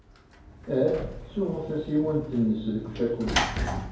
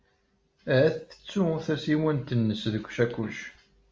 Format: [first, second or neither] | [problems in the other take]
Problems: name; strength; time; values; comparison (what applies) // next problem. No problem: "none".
second | background sound (Sliding door / Slam); 6 dB below the speech // room echo; dies away in 2.3 s